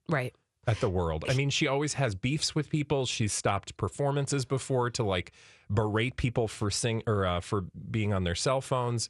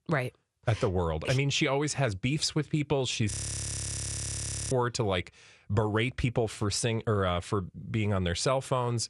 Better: first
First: none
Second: audio freezing; at 3.5 s for 1.5 s

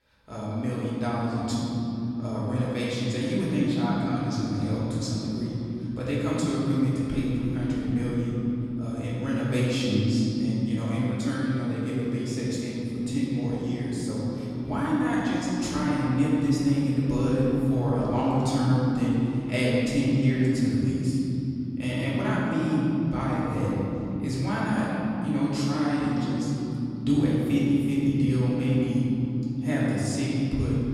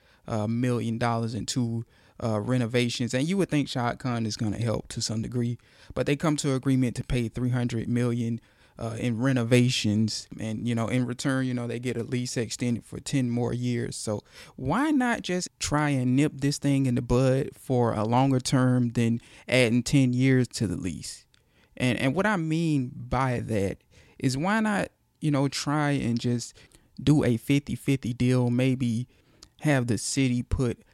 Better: second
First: room echo; strong; dies away in 3 s // off-mic speech; far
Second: none

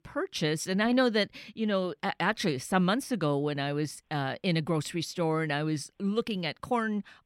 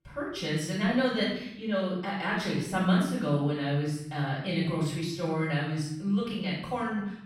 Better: first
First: none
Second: off-mic speech; far // room echo; noticeable; dies away in 0.9 s

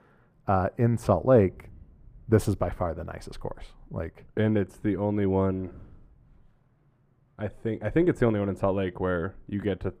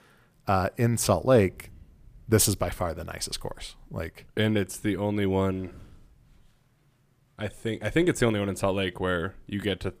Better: second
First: muffled; very; fading above 2.5 kHz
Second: none

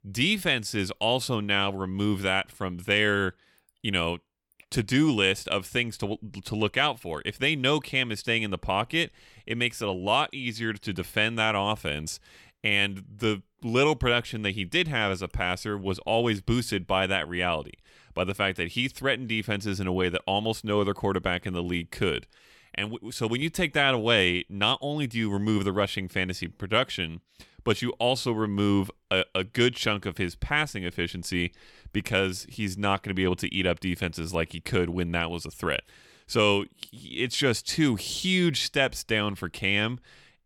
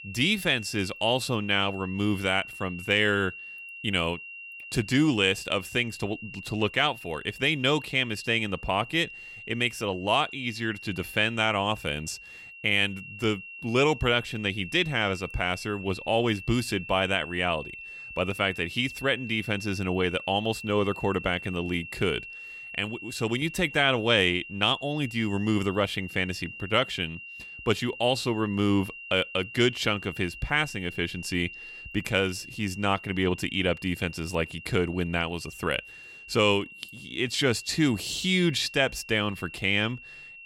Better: first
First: none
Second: high-pitched whine; noticeable; throughout; 3 kHz, 15 dB below the speech

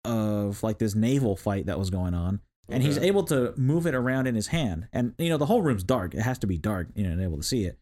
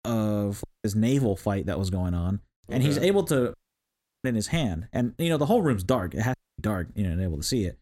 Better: first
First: none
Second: audio cutting out; at 0.5 s, at 3.5 s for 0.5 s and at 6.5 s

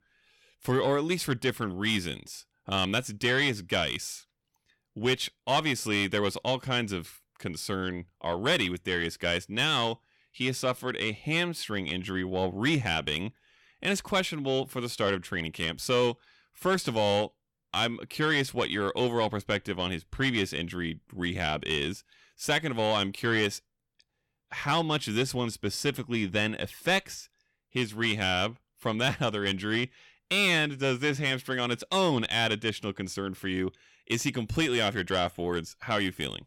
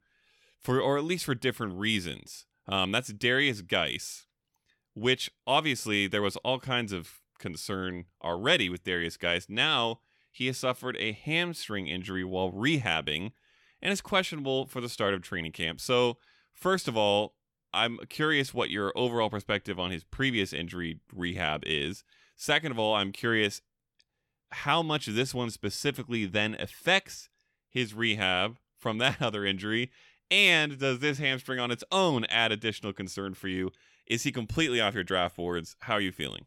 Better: second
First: distortion; slight; 10 dB below the speech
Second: none

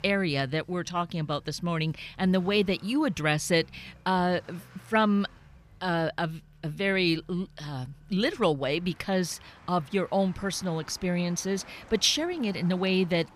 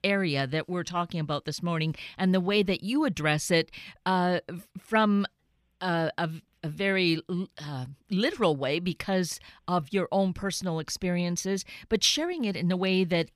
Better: second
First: traffic noise; faint; throughout; 25 dB below the speech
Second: none

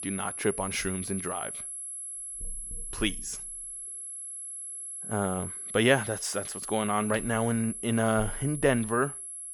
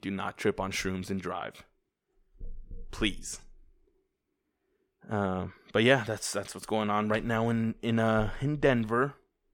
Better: second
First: high-pitched whine; loud; throughout; 11 kHz, 7 dB below the speech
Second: none

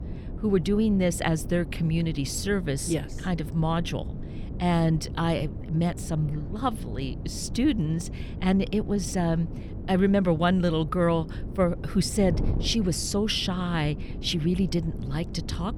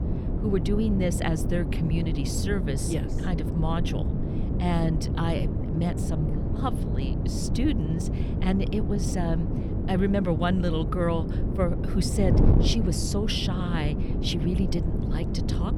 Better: first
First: wind noise on the microphone; occasional gusts; 15 dB below the speech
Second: wind noise on the microphone; heavy; 5 dB below the speech

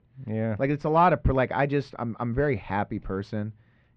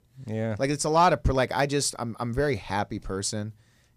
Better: second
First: muffled; very; fading above 3 kHz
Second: none

